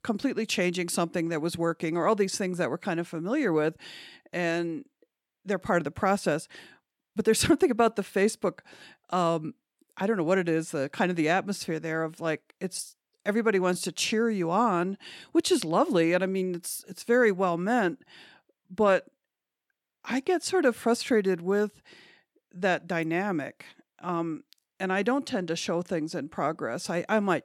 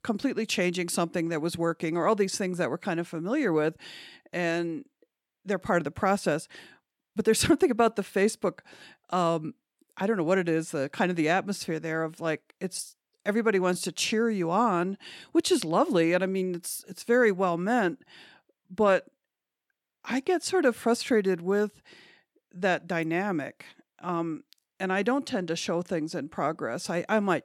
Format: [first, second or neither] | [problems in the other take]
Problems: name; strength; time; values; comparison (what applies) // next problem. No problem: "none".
neither | none